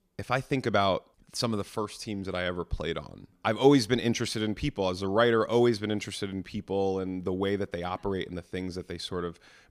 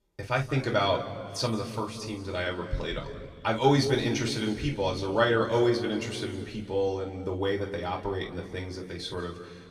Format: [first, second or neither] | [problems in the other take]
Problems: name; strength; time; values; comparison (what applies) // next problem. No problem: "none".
first | room echo; noticeable; dies away in 1.9 s // off-mic speech; somewhat distant